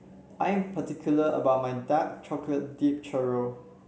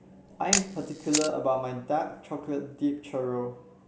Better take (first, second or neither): first